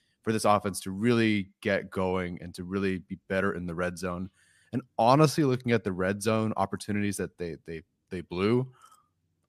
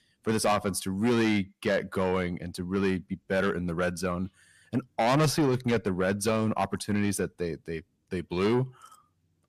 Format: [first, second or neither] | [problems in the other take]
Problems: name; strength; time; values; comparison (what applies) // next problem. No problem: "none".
first | distortion; heavy; 7 dB below the speech